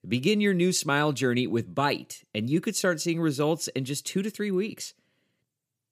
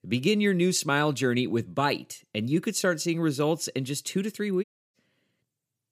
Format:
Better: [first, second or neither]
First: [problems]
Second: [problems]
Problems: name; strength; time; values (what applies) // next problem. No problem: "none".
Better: first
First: none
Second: audio cutting out; at 4.5 s